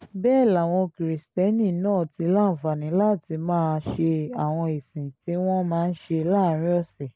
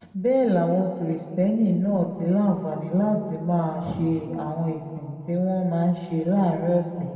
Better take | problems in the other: first | room echo; dies away in 2.2 s

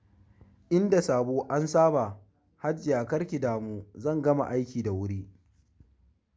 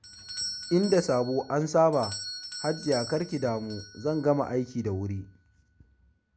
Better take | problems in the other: first | background sound (Doorbell); 13 dB below the speech

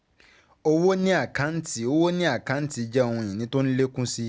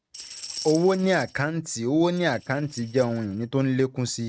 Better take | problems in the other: first | noise reduction (neural mask model RNNoise)

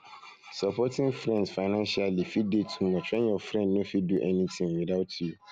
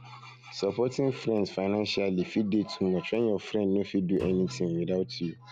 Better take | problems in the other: first | background sound (Drum); 20 dB below the speech

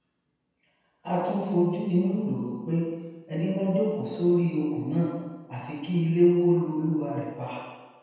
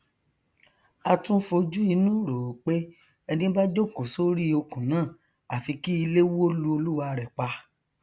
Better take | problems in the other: second | room echo; dies away in 1.2 s

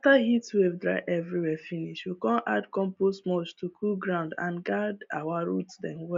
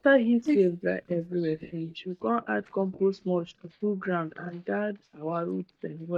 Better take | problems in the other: first | noise reduction (neural mask model DeepFilterNet 3)

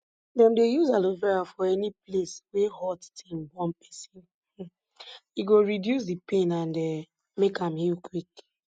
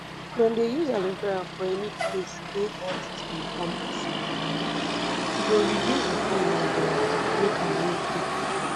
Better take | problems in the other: first | background sound (Motor vehicle (road)); 2 dB above the speech

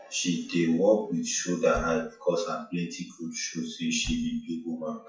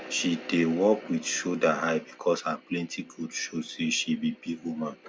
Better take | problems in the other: second | noise reduction (classical method WPE with log-MMSE)

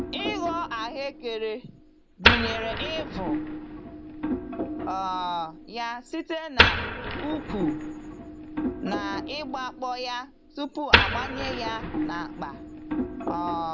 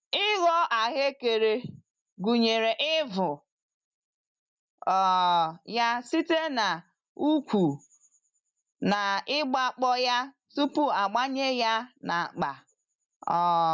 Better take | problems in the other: second | background sound (Wood); 4 dB above the speech

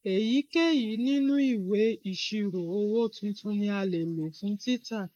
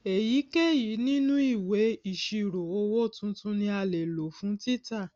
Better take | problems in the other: second | noise reduction (neural mask model Resemble Enhance denoiser)

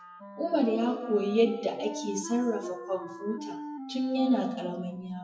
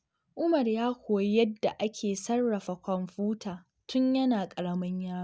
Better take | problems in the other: second | noise reduction (classical method WPE with log-MMSE)

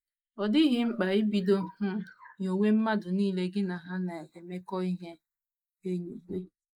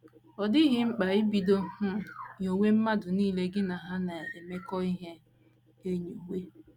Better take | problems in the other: second | noise reduction (neural mask model Resemble Enhance denoiser)

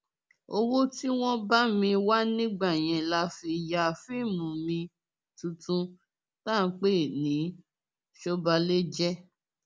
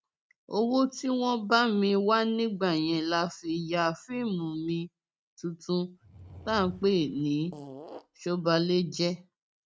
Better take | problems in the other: first | noise reduction (neural mask model RNNoise)

